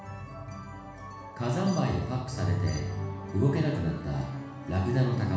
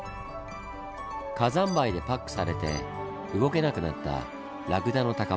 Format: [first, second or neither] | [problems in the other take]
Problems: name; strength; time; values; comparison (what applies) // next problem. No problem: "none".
second | room echo; dies away in 1.1 s